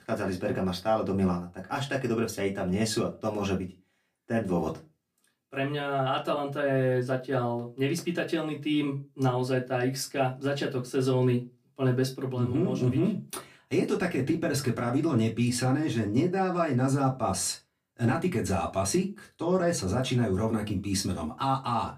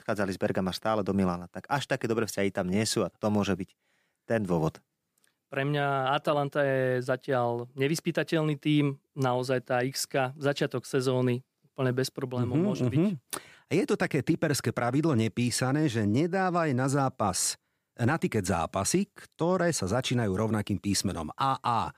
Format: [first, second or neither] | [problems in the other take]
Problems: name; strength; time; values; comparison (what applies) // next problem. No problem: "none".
second | off-mic speech; far // room echo; very slight; dies away in 0.2 s